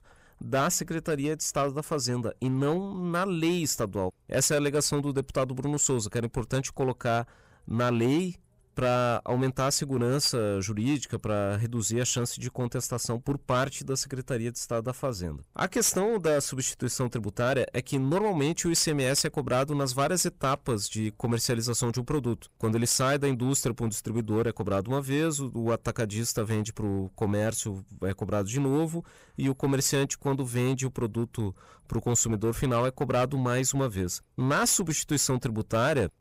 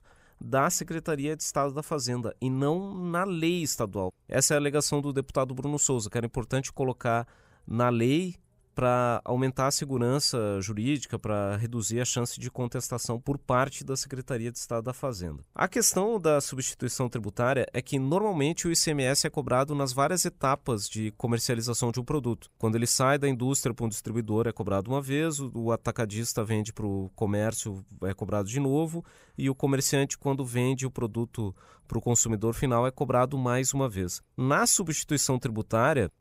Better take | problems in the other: second | distortion; slight; 6% of the sound clipped

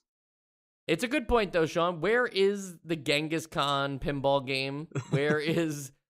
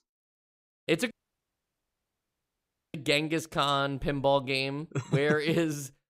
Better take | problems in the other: first | audio cutting out; at 1 s for 2 s

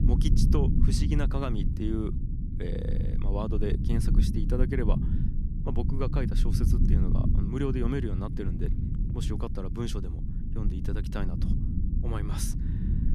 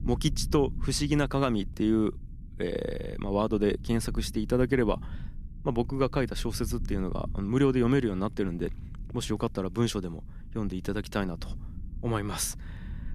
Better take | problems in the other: second | low rumble; loud; throughout; 4 dB below the speech; faint in the second

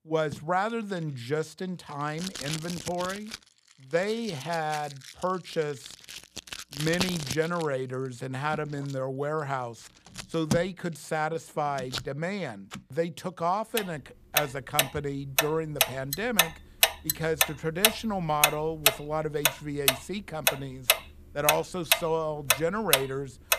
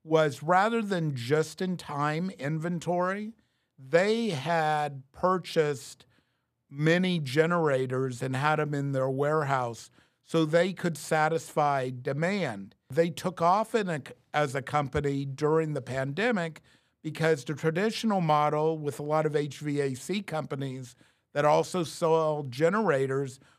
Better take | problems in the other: second | household noises; very loud; throughout; 4 dB above the speech

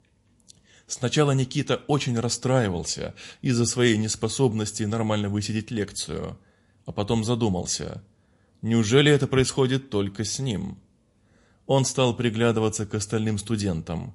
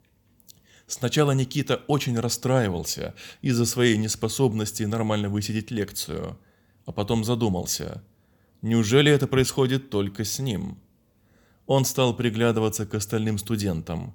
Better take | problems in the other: second | garbled, watery; slightly; nothing above 11 kHz

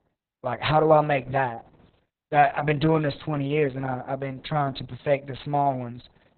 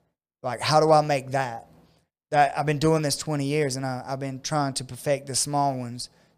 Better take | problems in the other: second | garbled, watery; badly; nothing above 4 kHz

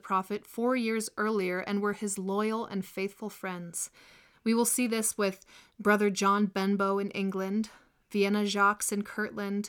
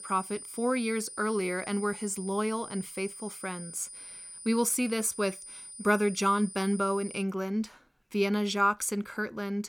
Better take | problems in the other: first | high-pitched whine; noticeable; until 7 s; 9.5 kHz, 10 dB below the speech

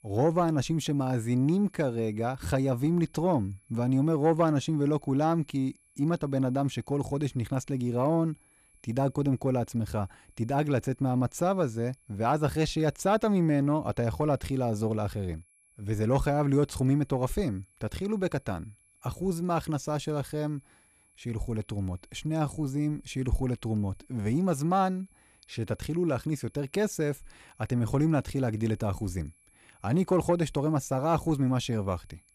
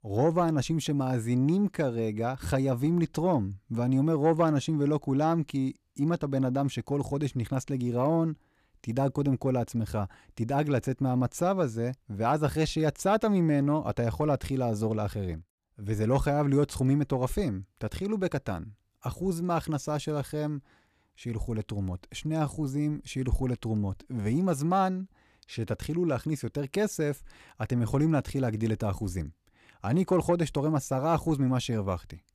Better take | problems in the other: second | high-pitched whine; faint; throughout; 11 kHz, 35 dB below the speech

